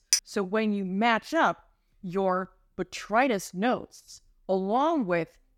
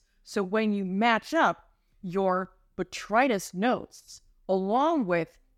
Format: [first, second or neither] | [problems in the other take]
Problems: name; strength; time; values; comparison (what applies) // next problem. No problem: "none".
second | clattering dishes; loud; at the start; peak 2 dB above the speech